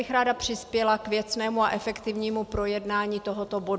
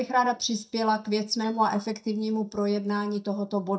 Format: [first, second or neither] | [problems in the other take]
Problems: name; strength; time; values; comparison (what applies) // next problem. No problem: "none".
first | noise reduction (neural mask model DeepFilterNet 3)